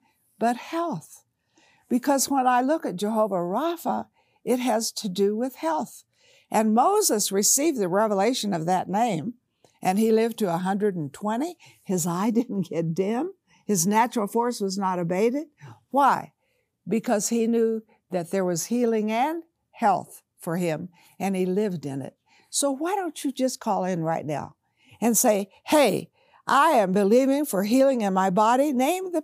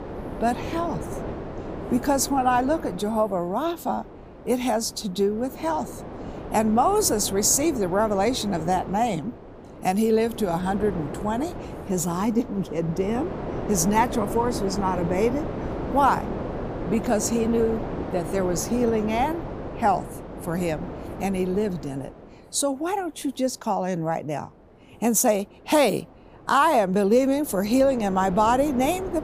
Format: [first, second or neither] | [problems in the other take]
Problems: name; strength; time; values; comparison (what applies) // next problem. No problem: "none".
first | wind noise on the microphone; occasional gusts; 10 dB below the speech